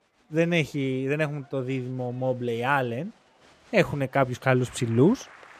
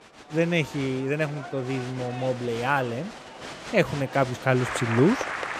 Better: first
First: crowd noise; faint; throughout; 25 dB below the speech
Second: crowd noise; loud; throughout; 9 dB below the speech

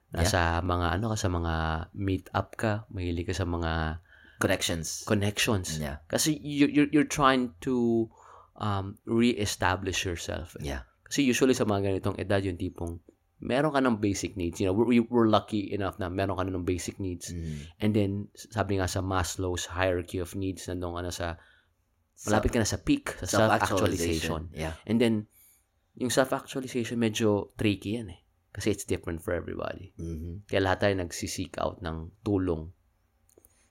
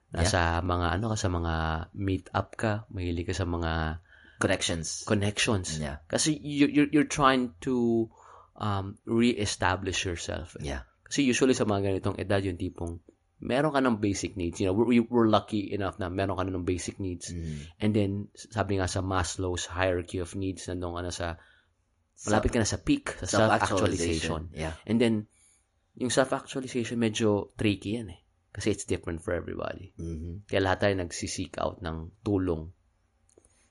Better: first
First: none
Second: garbled, watery; slightly; nothing above 10.5 kHz

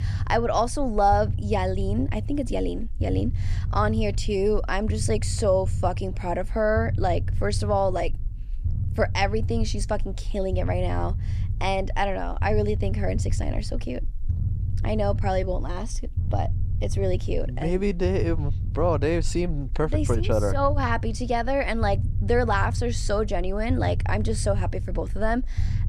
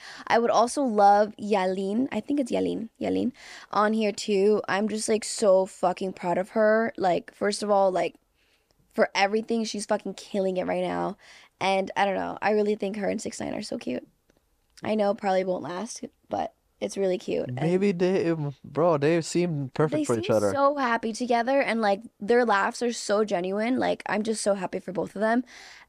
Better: second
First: low rumble; noticeable; throughout; 20 dB below the speech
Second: none

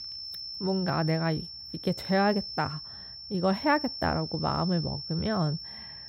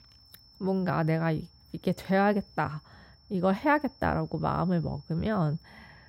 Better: second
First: high-pitched whine; loud; throughout; 5.5 kHz, 8 dB below the speech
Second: high-pitched whine; faint; throughout; 5.5 kHz, 30 dB below the speech

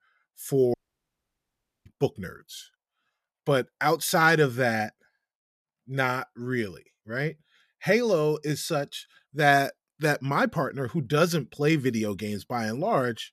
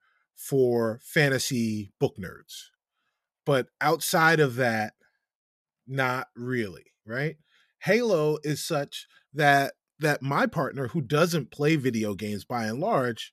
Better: second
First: audio cutting out; at 0.5 s for 1 s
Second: none

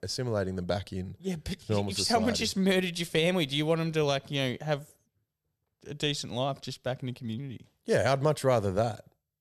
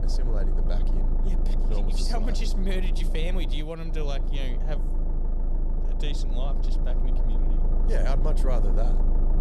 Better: first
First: none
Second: low rumble; loud; throughout; 6 dB below the speech

